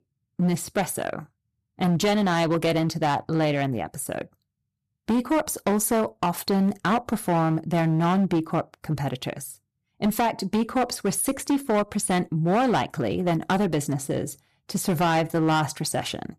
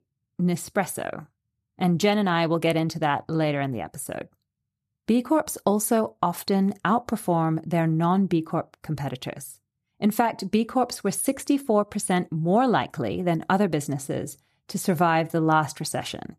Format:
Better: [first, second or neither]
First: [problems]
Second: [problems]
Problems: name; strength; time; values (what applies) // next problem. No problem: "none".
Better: second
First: distortion; slight; 11% of the sound clipped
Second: none